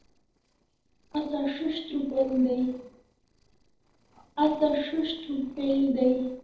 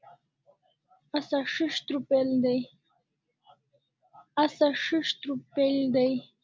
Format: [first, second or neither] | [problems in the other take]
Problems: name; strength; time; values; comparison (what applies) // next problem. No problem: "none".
second | noise reduction (neural separator model SepFormer DNS4)